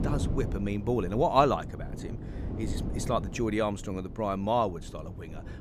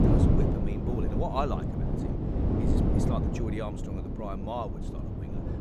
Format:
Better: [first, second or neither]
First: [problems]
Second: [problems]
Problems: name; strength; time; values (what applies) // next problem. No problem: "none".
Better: first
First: wind noise on the microphone; occasional gusts; 15 dB below the speech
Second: wind noise on the microphone; heavy; 1 dB below the speech